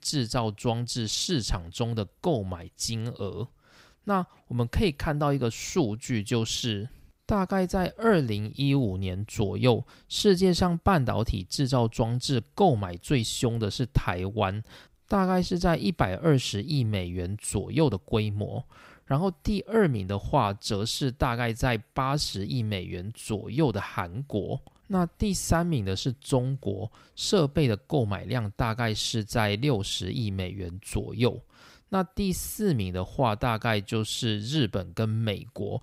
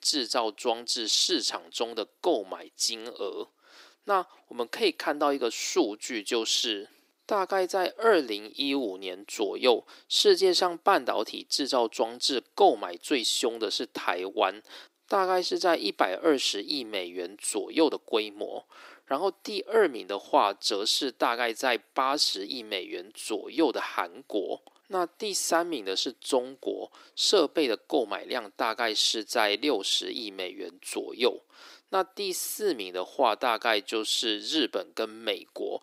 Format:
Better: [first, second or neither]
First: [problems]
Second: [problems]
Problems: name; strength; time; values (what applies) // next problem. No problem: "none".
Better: first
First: none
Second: thin; very; fading below 300 Hz